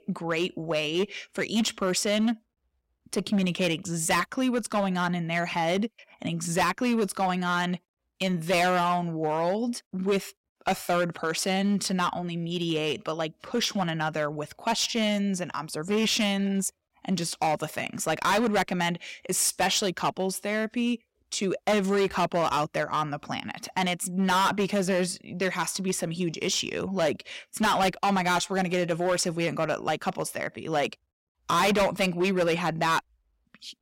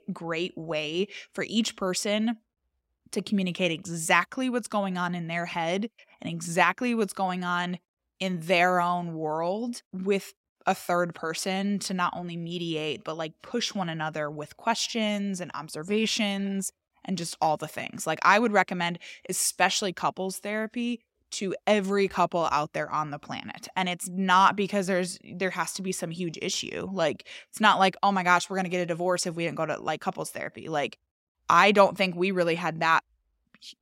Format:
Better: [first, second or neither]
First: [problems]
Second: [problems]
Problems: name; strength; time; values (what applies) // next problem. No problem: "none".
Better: second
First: distortion; heavy; 8% of the sound clipped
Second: none